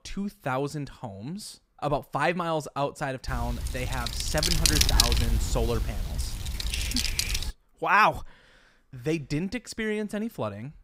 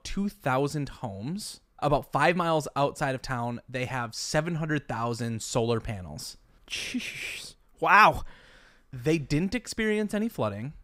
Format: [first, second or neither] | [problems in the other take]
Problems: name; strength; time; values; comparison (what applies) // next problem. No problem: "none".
second | wind noise on the microphone; heavy; from 3.5 to 7.5 s; 1 dB above the speech